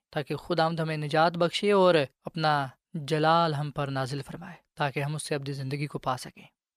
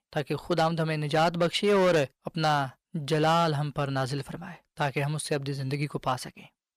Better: first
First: none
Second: distortion; slight; 5% of the sound clipped

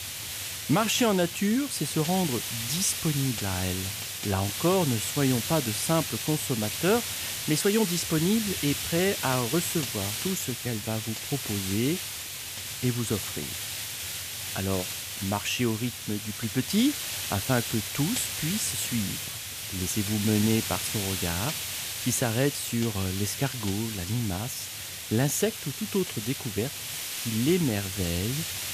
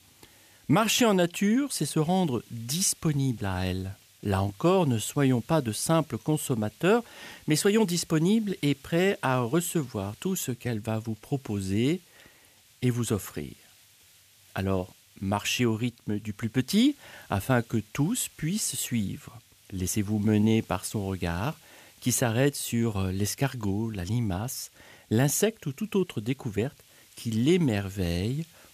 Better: second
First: hiss; loud; throughout; 3 dB below the speech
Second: hiss; faint; throughout; 25 dB below the speech

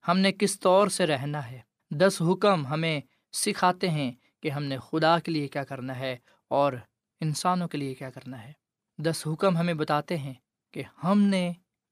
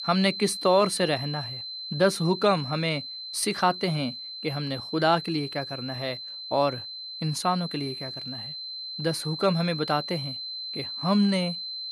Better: first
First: none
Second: high-pitched whine; loud; throughout; 4 kHz, 7 dB below the speech

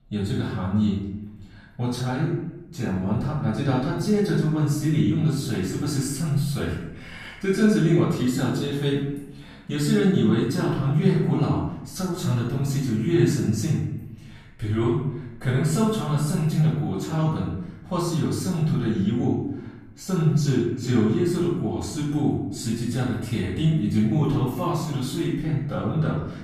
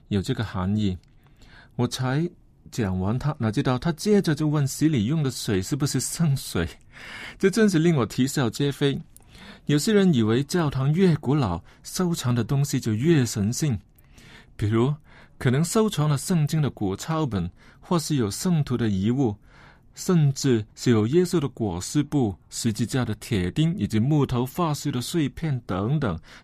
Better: second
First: off-mic speech; far // room echo; noticeable; dies away in 0.8 s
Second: none

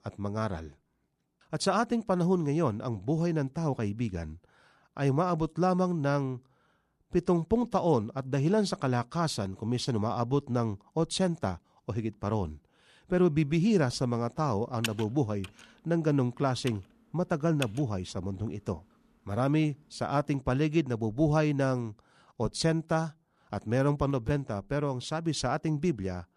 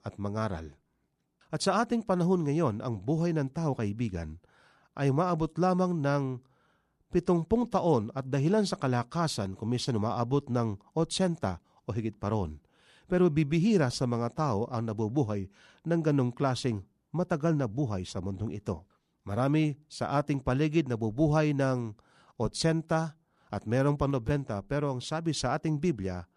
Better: second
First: keyboard typing; noticeable; from 15 to 18 s; peak 6 dB below the speech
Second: none

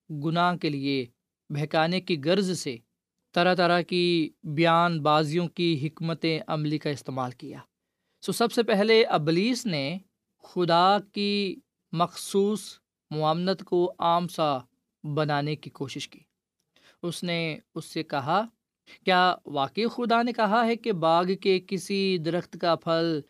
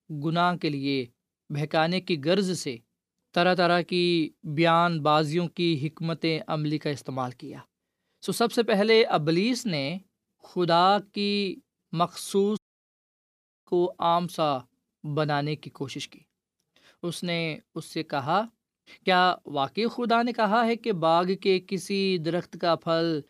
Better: first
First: none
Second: audio cutting out; at 13 s for 1 s

